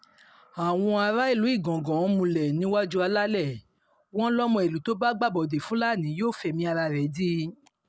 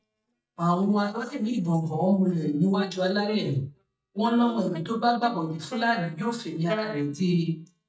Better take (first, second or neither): first